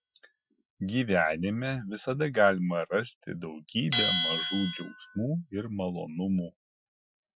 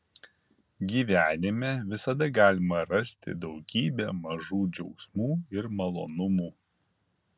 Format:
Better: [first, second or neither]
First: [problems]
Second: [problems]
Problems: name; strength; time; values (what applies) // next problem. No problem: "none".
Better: second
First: noise reduction (classical method Wiener filter)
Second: none